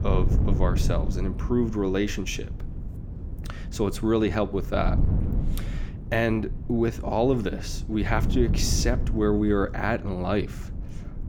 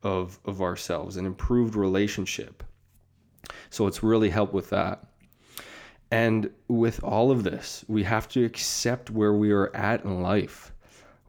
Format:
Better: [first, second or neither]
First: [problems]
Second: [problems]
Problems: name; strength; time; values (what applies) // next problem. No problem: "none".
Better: second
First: wind noise on the microphone; occasional gusts; 15 dB below the speech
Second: none